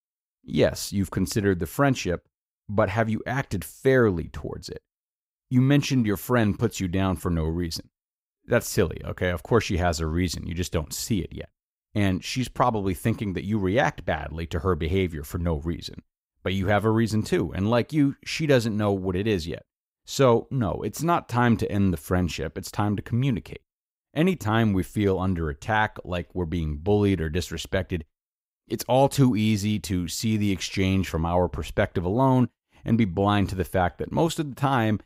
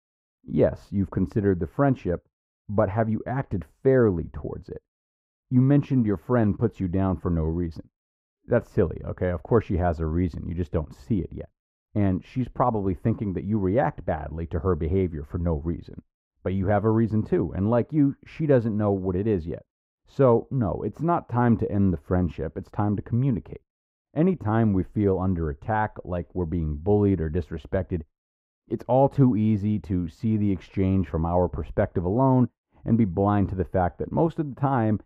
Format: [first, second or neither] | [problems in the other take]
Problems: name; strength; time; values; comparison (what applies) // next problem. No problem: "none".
first | muffled; very; fading above 2.5 kHz